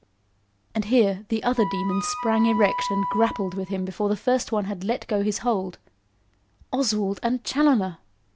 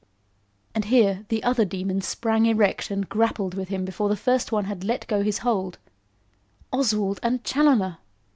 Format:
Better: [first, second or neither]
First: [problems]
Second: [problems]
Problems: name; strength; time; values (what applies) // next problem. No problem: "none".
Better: second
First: background sound (Wind instrument, woodwind instrument); 6 dB below the speech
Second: none